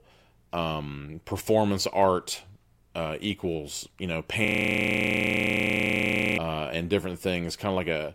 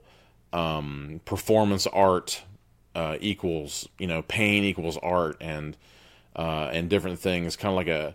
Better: second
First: audio freezing; at 4.5 s for 2 s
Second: none

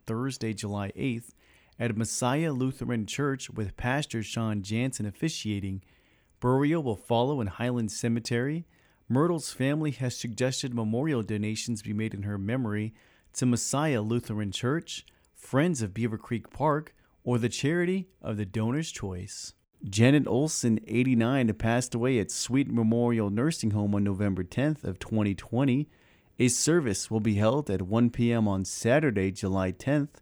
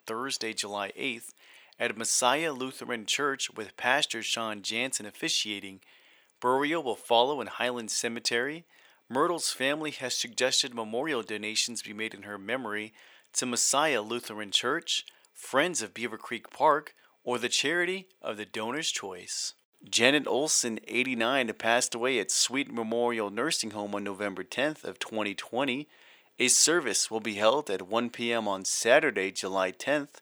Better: first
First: none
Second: thin; very; fading below 550 Hz

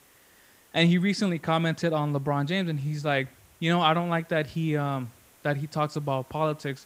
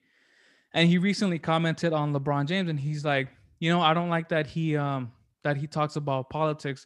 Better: second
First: hiss; faint; throughout; 30 dB below the speech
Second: none

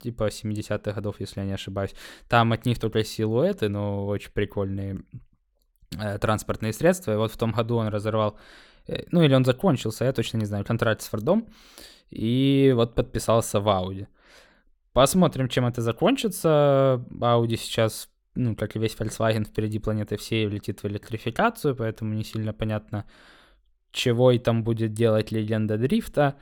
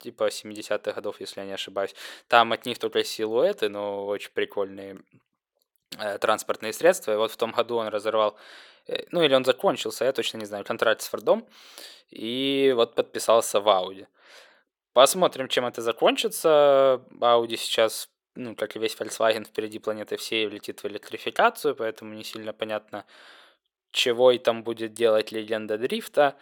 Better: first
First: none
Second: thin; somewhat; fading below 500 Hz

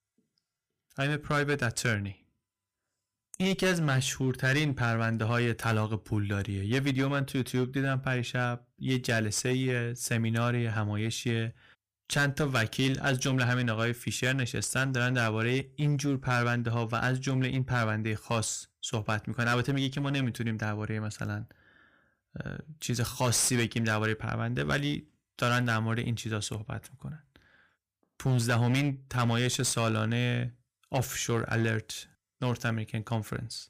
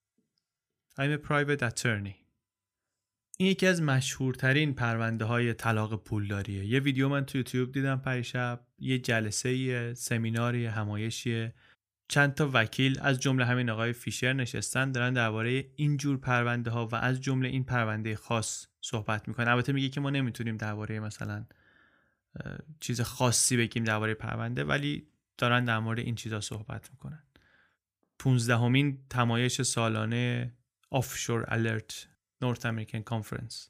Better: second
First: distortion; slight; 9% of the sound clipped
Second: none

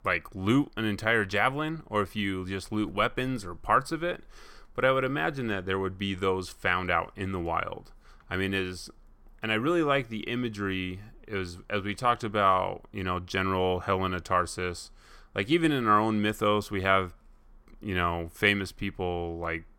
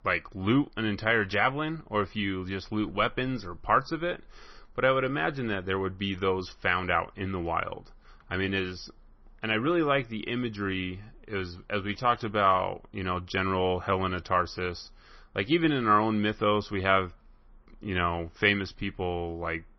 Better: first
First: none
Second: garbled, watery; slightly; nothing above 6 kHz

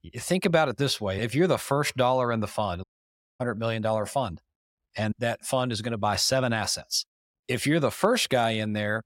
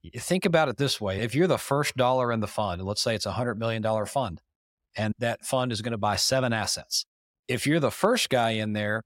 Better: second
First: audio cutting out; at 3 s for 0.5 s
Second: none

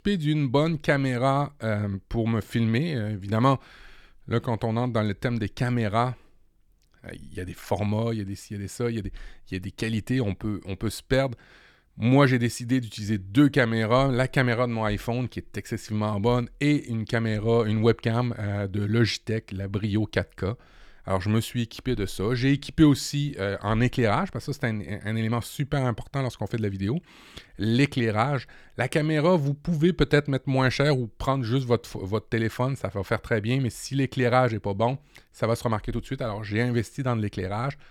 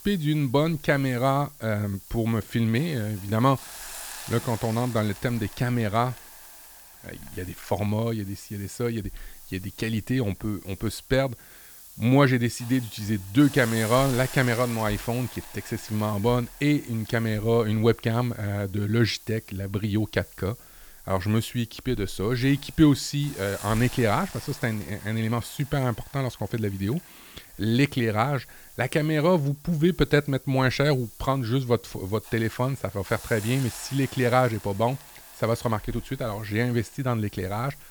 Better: first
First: none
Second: hiss; noticeable; throughout; 15 dB below the speech

